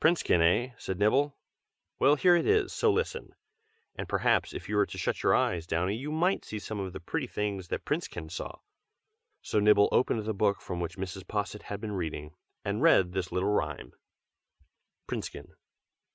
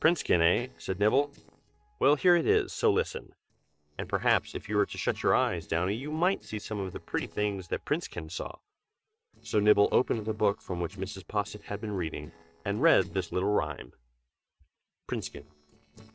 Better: first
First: none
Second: noise reduction (neural separator model SepFormer DNS4)

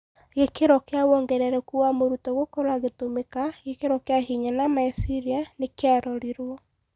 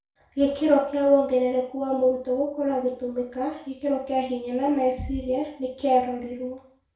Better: first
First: none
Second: room echo; dies away in 0.5 s

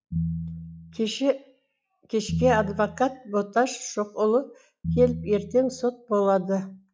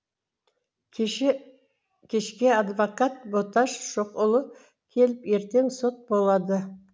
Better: second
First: noise reduction (classical method log-MMSE)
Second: none

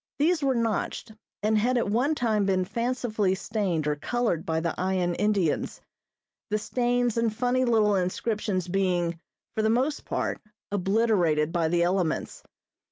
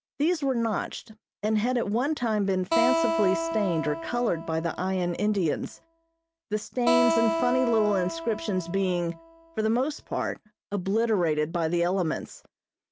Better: first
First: none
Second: background sound (Acoustic guitar); 4 dB below the speech

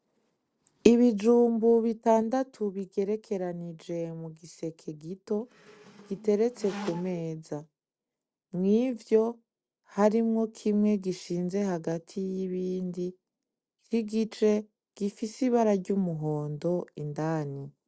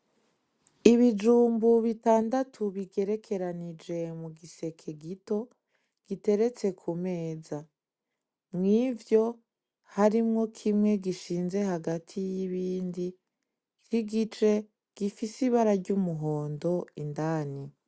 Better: second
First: noise reduction (neural separator model SepFormer DNS4)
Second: none

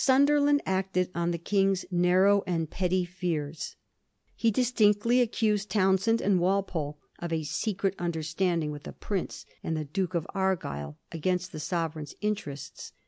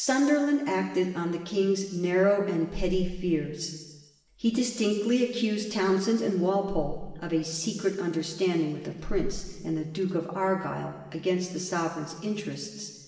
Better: first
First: none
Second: room echo; dies away in 1.3 s

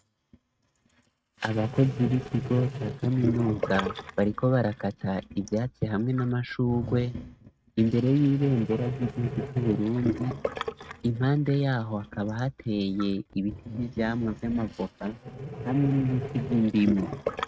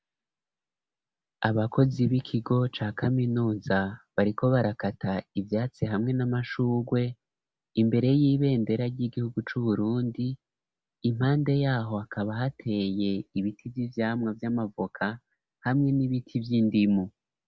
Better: second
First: noise reduction (neural mask model RNNoise)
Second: none

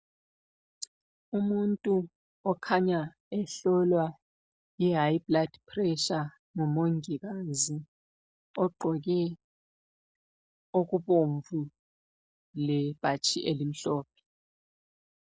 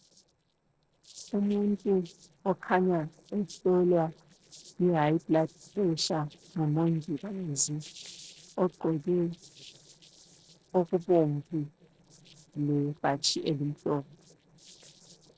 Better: first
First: none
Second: noise reduction (neural separator model SepFormer DNS4)

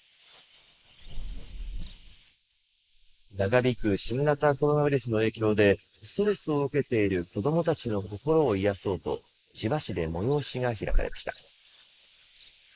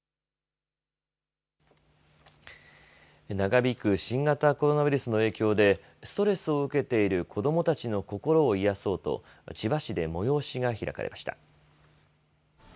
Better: second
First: noise reduction (neural mask model Resemble Enhance denoiser)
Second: none

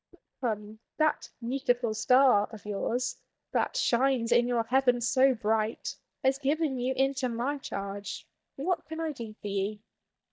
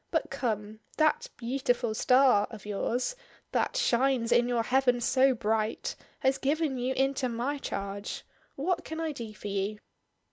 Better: second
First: noise reduction (neural mask model DeepFilterNet 3)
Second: none

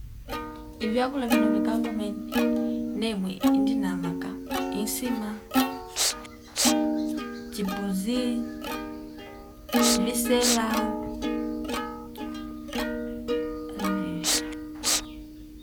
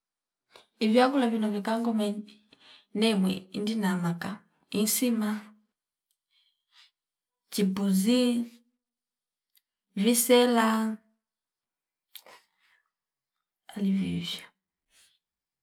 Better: second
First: background sound (Plucked string instrument + Respiratory sounds); 5 dB above the speech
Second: none

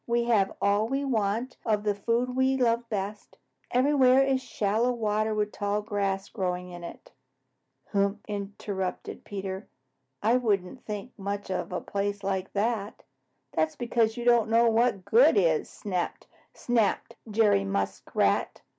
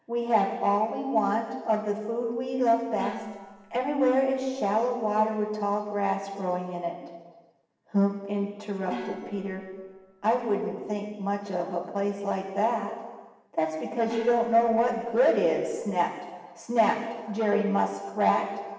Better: first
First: none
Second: background sound (Gong); 16 dB below the speech // room echo; dies away in 1.3 s

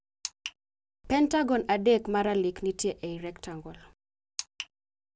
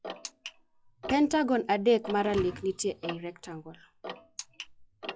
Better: first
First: none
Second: noise reduction (classical method log-MMSE)

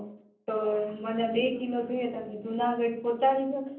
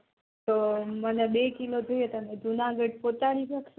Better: second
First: room echo; dies away in 0.6 s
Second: none

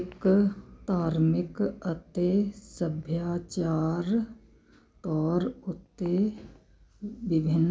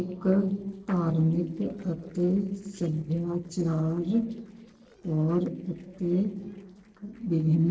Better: first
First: none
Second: noise reduction (neural separator model SepFormer DNS4)

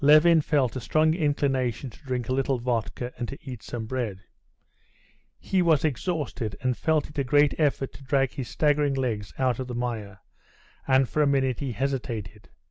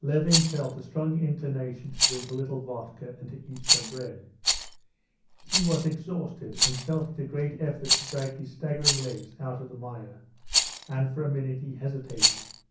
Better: first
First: none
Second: background sound (Rattle); as loud as the speech // room echo; dies away in 0.6 s

